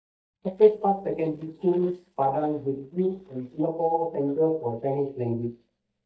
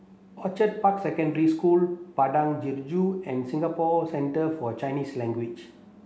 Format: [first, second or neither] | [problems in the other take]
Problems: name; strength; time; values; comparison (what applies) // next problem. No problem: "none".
second | noise reduction (neural mask model DeepFilterNet 3)